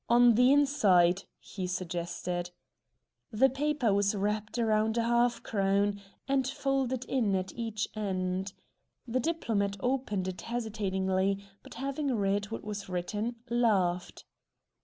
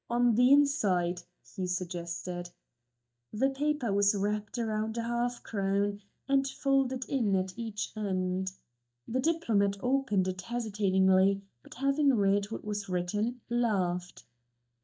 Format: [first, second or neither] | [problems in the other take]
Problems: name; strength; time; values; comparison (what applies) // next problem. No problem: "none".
first | noise reduction (neural mask model DeepFilterNet 3)